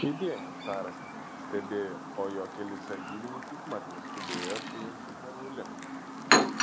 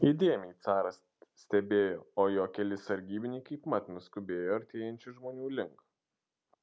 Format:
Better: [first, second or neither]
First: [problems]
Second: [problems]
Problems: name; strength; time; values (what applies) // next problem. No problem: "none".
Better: second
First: background sound (Chirp, tweet); 5 dB above the speech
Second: none